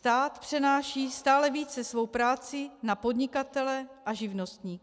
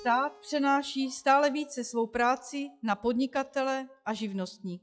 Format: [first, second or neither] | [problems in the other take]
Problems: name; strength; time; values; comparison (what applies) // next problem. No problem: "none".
first | noise reduction (classical method log-MMSE)